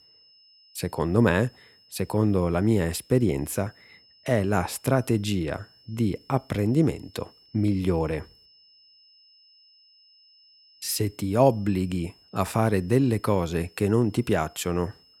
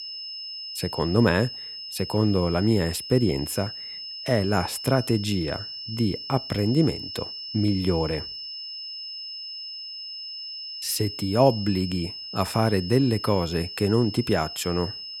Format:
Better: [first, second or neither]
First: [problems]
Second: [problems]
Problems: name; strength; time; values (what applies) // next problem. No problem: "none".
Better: first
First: high-pitched whine; faint; throughout; 5 kHz, 30 dB below the speech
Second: high-pitched whine; loud; throughout; 5 kHz, 9 dB below the speech